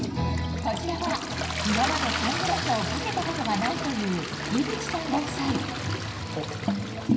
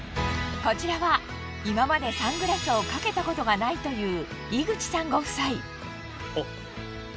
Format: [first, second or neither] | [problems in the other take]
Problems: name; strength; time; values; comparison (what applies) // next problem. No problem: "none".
second | background sound (Toilet flush); 2 dB below the speech // room echo; dies away in 0.9 s